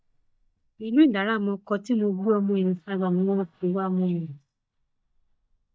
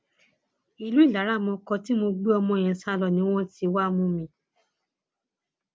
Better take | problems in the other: second | noise reduction (neural mask model DeepFilterNet 3)

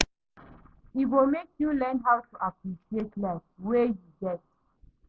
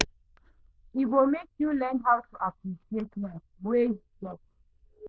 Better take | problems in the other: first | noise reduction (neural diffusion model UNIVERSE++)

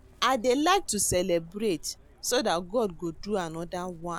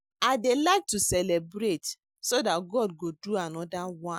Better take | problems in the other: second | background sound (Chirp, tweet); 19 dB below the speech

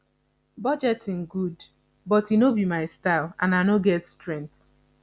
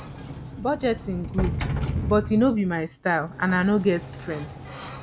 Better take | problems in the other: first | background sound (Sliding door); 6 dB below the speech

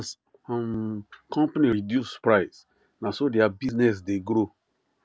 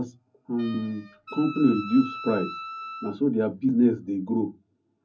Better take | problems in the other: first | background sound (Wind instrument, woodwind instrument); 13 dB below the speech // room echo; dies away in 0.3 s

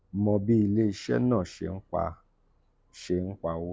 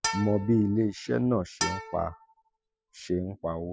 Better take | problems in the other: first | noise reduction (classical method spectral subtraction)

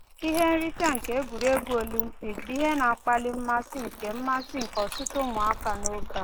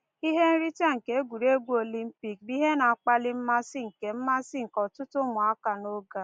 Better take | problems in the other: second | noise reduction (neural mask model Resemble Enhance denoiser)

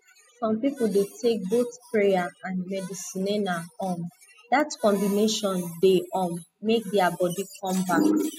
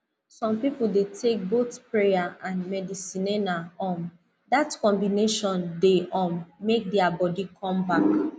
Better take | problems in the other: second | noise reduction (classical method spectral subtraction)

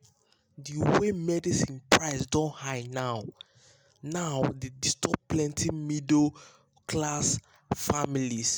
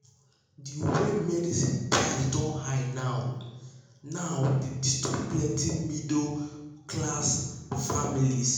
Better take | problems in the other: first | room echo; dies away in 0.9 s

